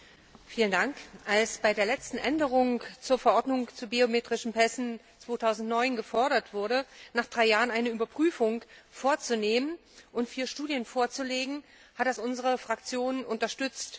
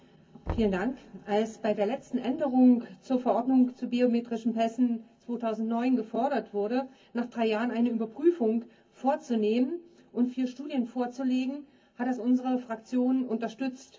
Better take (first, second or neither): first